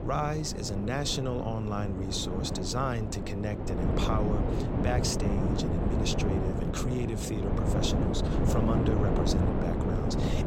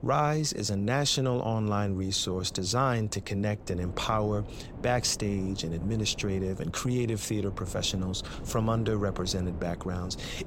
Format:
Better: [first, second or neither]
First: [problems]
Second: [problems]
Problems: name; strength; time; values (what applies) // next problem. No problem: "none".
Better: second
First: wind noise on the microphone; heavy; 1 dB below the speech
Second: wind noise on the microphone; occasional gusts; 20 dB below the speech